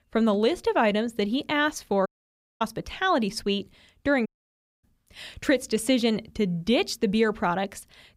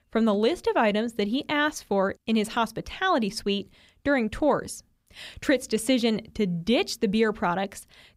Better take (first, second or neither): second